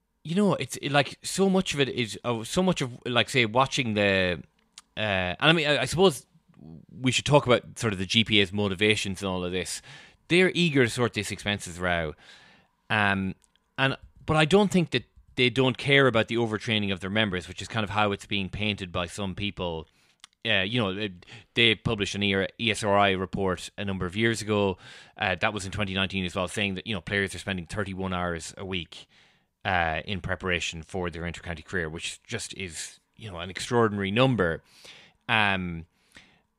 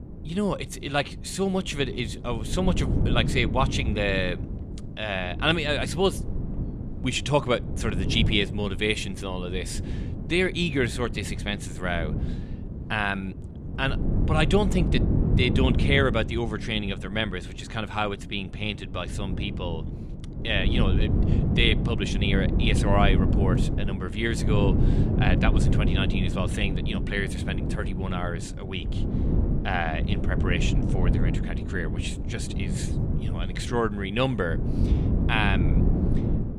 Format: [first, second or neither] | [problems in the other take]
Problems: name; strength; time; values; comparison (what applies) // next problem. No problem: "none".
first | wind noise on the microphone; heavy; 9 dB below the speech